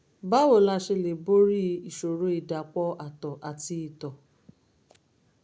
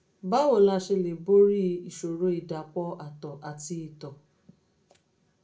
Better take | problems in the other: first | room echo; dies away in 0.2 s

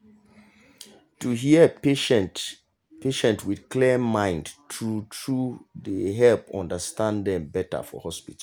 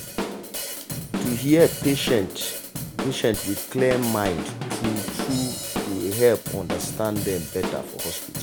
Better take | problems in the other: first | background sound (Drum / Drum kit); 5 dB below the speech

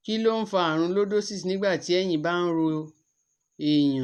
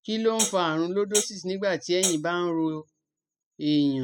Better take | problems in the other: first | noise reduction (classical method spectral subtraction)

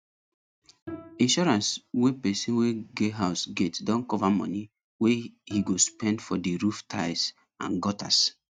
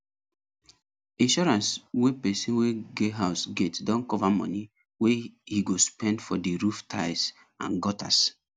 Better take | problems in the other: second | noise reduction (neural mask model RNNoise)

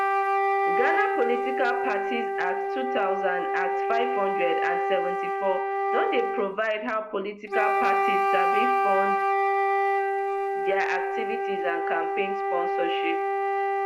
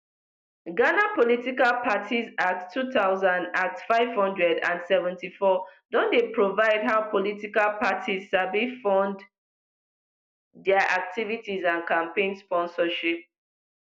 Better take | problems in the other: second | background sound (Wind instrument, woodwind instrument); 4 dB above the speech

